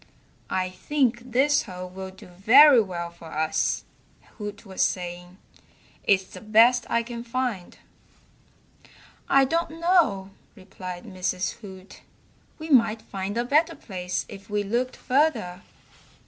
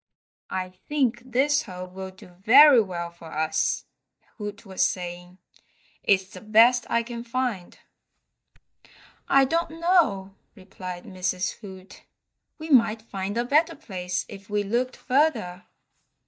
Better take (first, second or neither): first